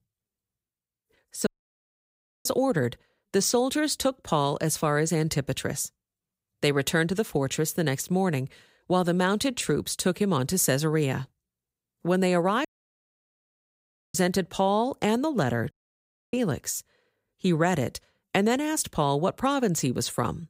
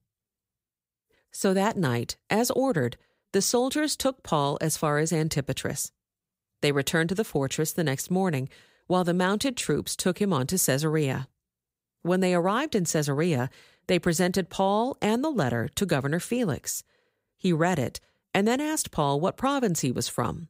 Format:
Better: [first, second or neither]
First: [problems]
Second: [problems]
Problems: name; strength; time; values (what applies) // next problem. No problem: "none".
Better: second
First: audio cutting out; at 1.5 s for 1 s, at 13 s for 1.5 s and at 16 s for 0.5 s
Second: none